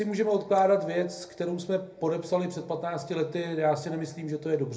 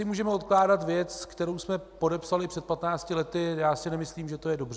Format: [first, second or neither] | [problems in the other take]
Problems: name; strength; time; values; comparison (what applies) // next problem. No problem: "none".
second | room echo; dies away in 0.3 s